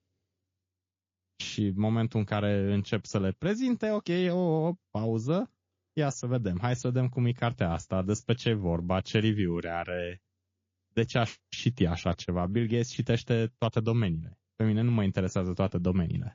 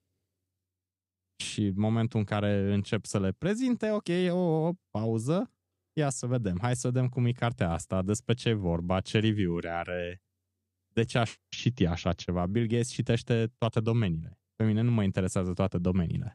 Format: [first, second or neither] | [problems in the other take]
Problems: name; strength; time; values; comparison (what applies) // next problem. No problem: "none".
second | garbled, watery; slightly